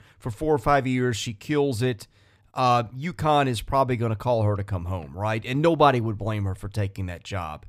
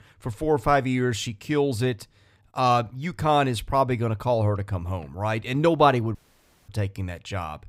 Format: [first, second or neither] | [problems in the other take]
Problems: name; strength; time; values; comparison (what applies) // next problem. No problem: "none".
first | audio cutting out; at 6 s for 0.5 s